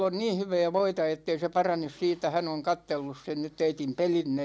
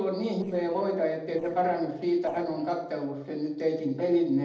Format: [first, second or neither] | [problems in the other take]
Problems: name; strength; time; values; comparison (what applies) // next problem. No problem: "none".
first | noise reduction (neural separator model SepFormer DNS4)